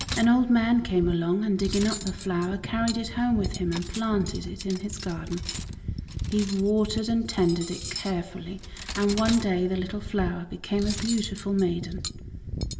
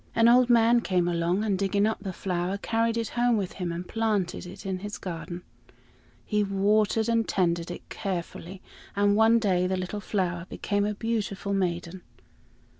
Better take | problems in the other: second | background sound (Cutlery, silverware); 9 dB below the speech // room echo; dies away in 1.6 s

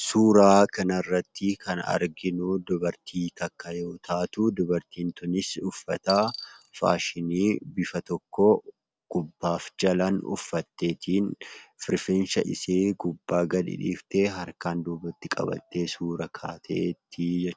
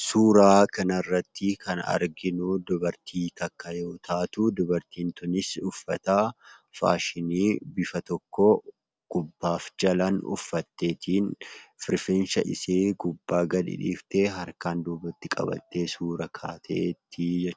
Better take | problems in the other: second | background sound (Coin (dropping)); 15 dB below the speech

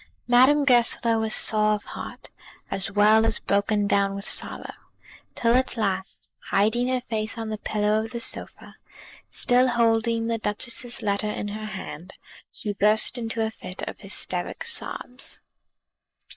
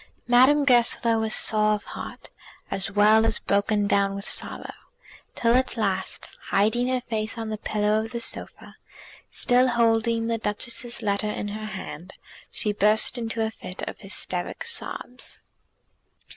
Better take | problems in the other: second | noise reduction (neural mask model Resemble Enhance denoiser)

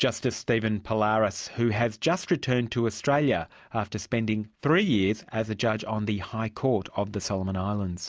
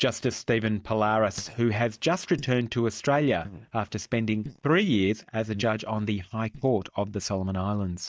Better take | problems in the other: first | noise reduction (neural mask model DeepFilterNet 3)

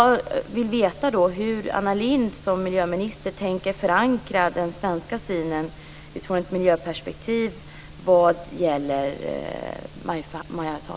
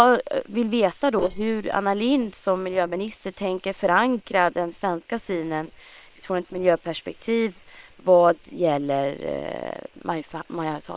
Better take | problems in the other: first | noise reduction (neural separator model SepFormer WHAM!)

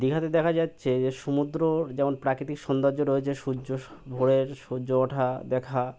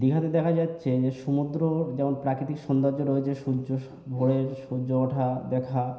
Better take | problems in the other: first | room echo; dies away in 0.9 s

